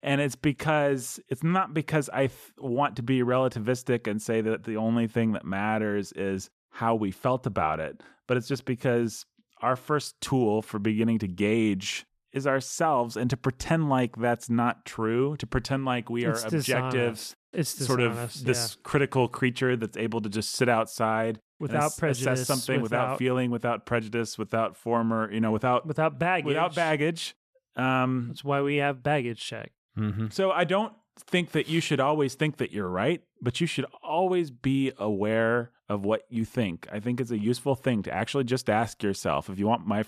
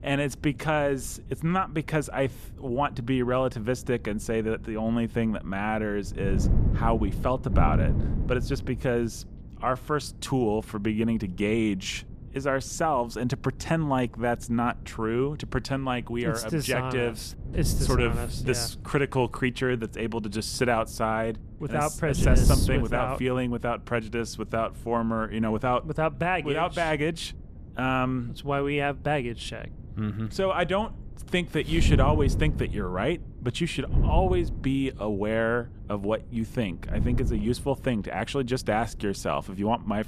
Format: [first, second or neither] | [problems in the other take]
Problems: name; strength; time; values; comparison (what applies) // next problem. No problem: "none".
first | wind noise on the microphone; occasional gusts; 15 dB below the speech